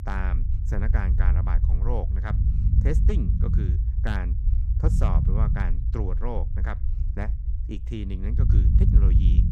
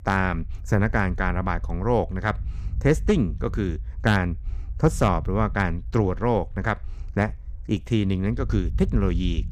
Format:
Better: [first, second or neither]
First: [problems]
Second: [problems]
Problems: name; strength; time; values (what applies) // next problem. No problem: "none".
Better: second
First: low rumble; loud; throughout; 4 dB below the speech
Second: low rumble; faint; throughout; 25 dB below the speech